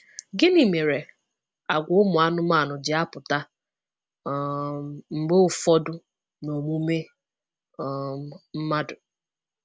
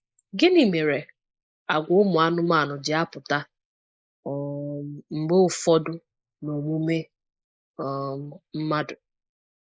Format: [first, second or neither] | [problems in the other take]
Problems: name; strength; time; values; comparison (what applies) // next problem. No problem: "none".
first | noise reduction (neural mask model Resemble Enhance denoiser)